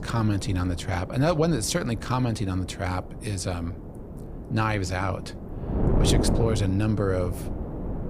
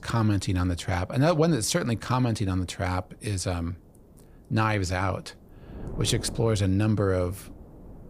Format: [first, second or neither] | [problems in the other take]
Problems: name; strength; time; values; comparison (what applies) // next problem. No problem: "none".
second | wind noise on the microphone; heavy; 9 dB below the speech; occasional gusts in the second